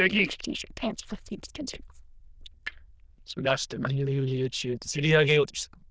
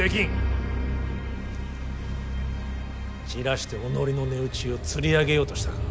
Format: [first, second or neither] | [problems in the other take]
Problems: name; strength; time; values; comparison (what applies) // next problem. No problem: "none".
second | noise reduction (neural diffusion model UNIVERSE++)